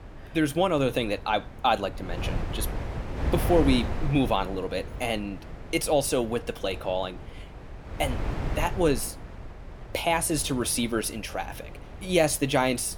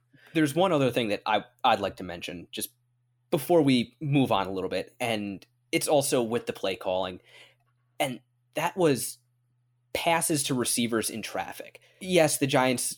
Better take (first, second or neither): second